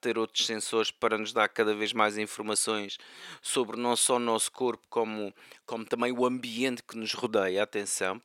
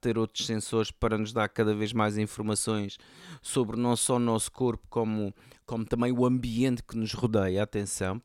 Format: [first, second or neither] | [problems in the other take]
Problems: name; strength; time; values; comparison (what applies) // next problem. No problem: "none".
second | thin; somewhat; fading below 400 Hz